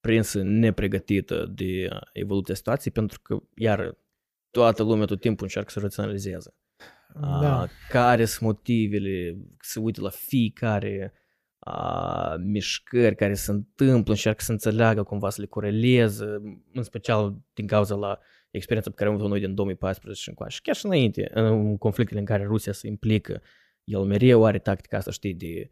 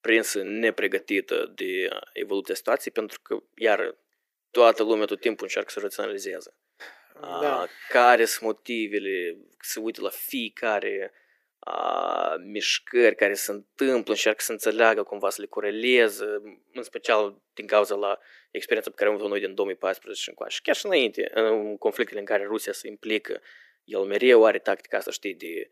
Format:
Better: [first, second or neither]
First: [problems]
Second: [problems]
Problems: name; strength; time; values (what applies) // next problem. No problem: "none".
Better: first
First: none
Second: thin; very; fading below 350 Hz